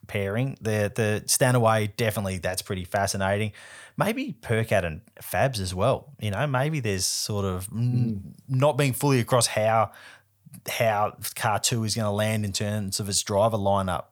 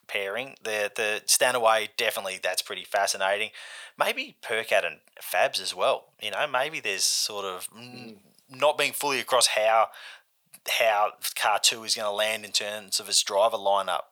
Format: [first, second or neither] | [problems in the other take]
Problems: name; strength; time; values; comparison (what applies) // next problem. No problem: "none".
first | thin; very; fading below 650 Hz